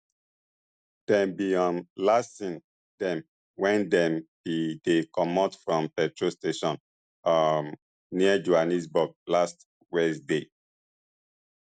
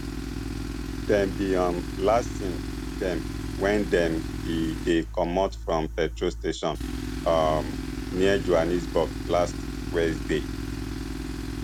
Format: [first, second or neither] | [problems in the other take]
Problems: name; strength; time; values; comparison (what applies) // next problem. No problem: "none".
first | background sound (Tools); 5 dB below the speech